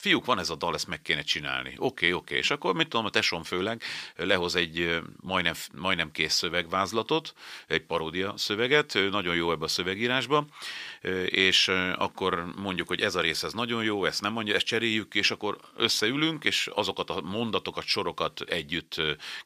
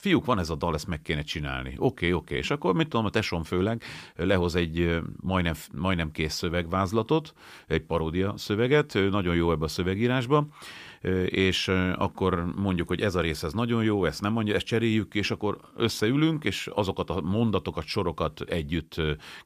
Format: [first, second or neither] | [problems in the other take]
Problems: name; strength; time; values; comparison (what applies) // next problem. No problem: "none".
second | thin; somewhat; fading below 900 Hz